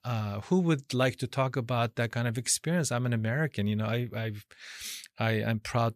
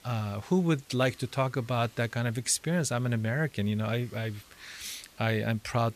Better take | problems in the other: first | hiss; faint; throughout; 25 dB below the speech

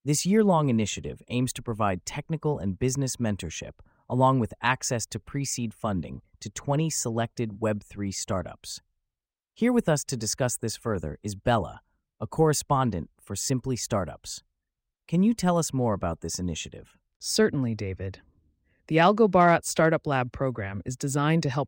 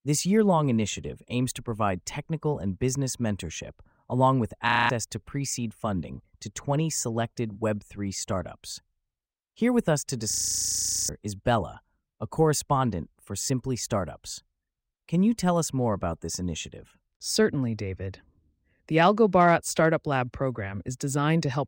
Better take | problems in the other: first | audio freezing; at 4.5 s and at 10 s for 1 s

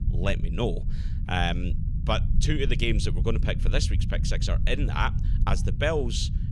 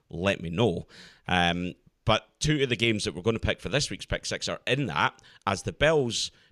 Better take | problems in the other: second | low rumble; noticeable; throughout; 15 dB below the speech

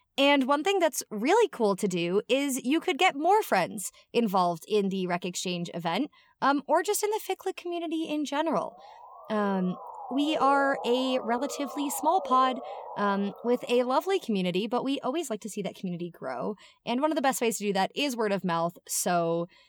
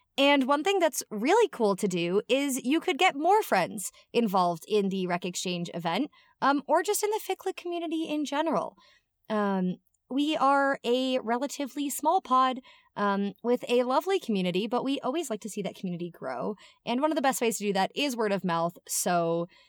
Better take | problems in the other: second | siren; noticeable; from 8.5 to 14 s; peak 8 dB below the speech

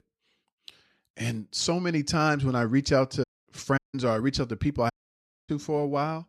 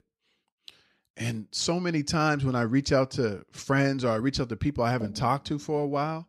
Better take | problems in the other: second | audio cutting out; at 3 s, at 4 s and at 5 s for 0.5 s

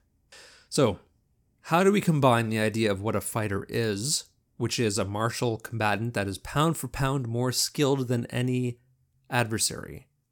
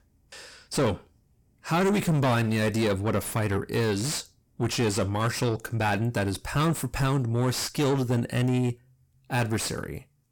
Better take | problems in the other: first | distortion; heavy; 6 dB below the speech

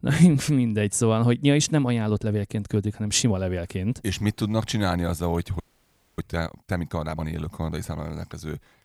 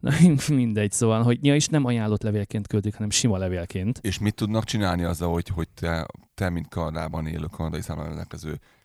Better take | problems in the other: second | audio freezing; at 5.5 s for 0.5 s

